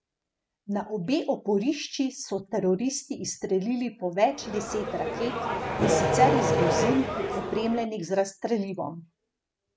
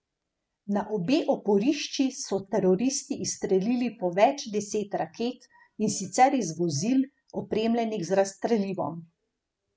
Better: second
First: background sound (Accelerating, revving, vroom); 2 dB above the speech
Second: none

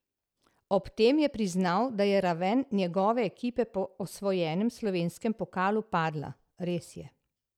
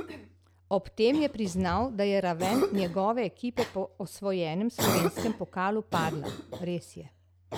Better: first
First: none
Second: background sound (Cough); 6 dB below the speech

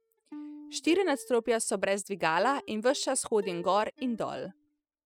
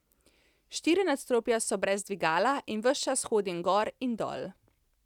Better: second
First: noise reduction (classical method spectral subtraction)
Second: none

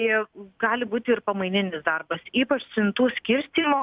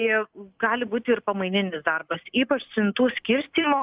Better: first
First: none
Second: noise reduction (neural mask model Resemble Enhance denoiser)

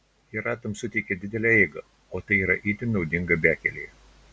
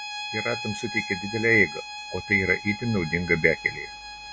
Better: first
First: none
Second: background sound (Bowed string instrument); 10 dB below the speech

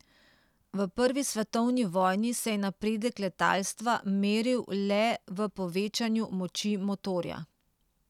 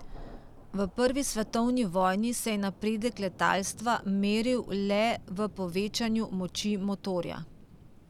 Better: first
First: none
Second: background sound (Thunder); 16 dB below the speech

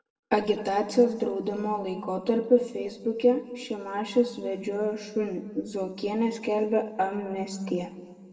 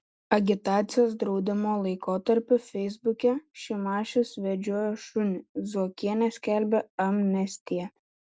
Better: second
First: room echo; dies away in 1.4 s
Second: none

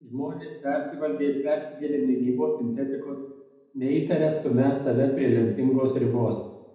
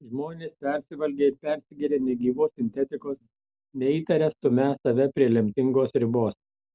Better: second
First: room echo; dies away in 0.9 s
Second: none

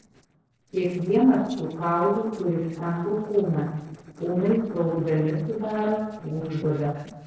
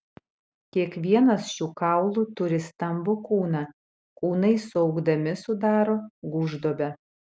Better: second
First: noise reduction (neural separator model SepFormer DNS4)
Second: none

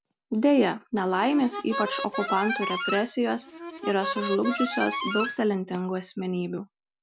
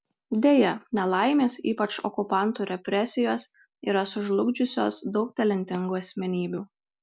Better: second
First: background sound (Harmonica); 6 dB below the speech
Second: none

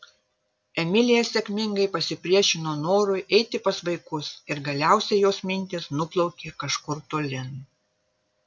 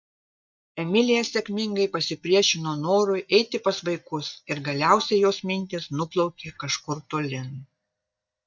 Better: first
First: none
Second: noise reduction (neural mask model DeepFilterNet 3)

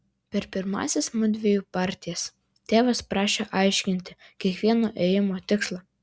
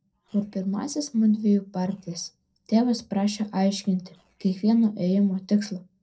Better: first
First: none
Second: noise reduction (neural separator model SepFormer DNS4)

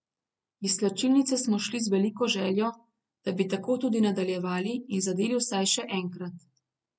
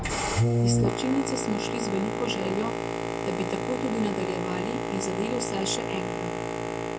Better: first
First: none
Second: background sound (Boat, Water vehicle); 3 dB above the speech

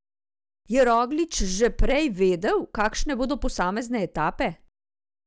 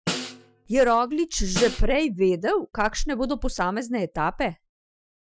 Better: first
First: none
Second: noise reduction (classical method Wiener filter)

